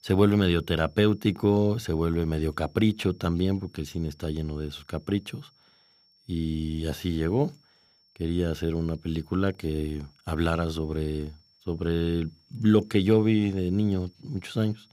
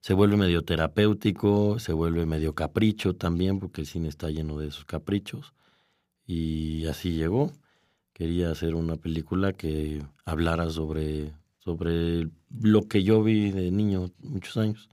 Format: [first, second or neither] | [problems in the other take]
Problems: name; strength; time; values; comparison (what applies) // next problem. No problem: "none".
second | high-pitched whine; faint; throughout; 5.5 kHz, 35 dB below the speech